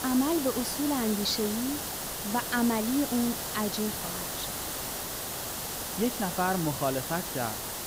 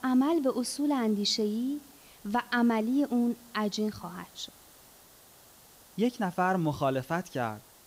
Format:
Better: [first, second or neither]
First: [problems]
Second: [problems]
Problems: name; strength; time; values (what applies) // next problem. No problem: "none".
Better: second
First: hiss; loud; throughout; 3 dB below the speech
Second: hiss; faint; throughout; 25 dB below the speech